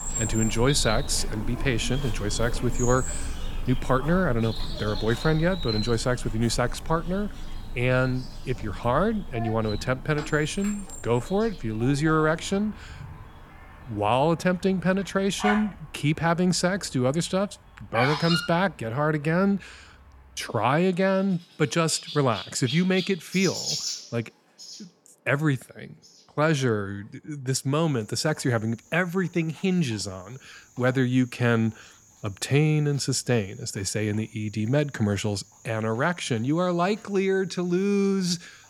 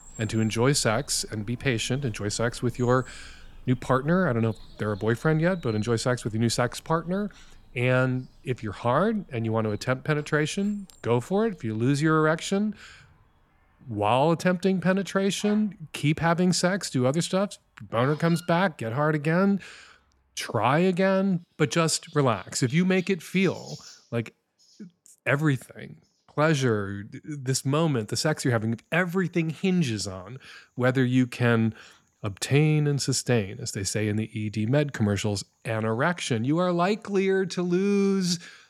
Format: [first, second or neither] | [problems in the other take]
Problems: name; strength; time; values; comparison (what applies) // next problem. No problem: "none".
second | animal sounds; loud; throughout; 9 dB below the speech; faint in the second